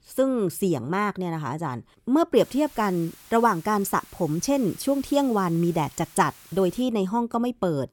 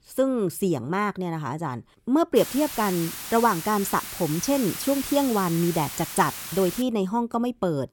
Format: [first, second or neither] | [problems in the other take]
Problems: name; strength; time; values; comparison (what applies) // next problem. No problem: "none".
first | hiss; loud; from 2.5 to 7 s; 8 dB below the speech; faint in the first